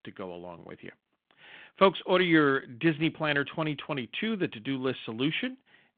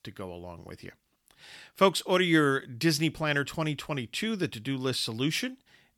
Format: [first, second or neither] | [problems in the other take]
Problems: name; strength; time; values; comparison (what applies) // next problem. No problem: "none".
second | phone-call audio